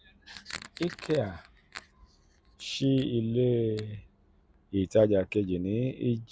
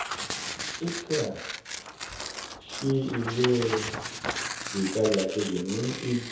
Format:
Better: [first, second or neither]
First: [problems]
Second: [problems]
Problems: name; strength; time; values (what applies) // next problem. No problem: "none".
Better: first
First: none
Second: background sound (Tearing); 5 dB below the speech // room echo; dies away in 0.7 s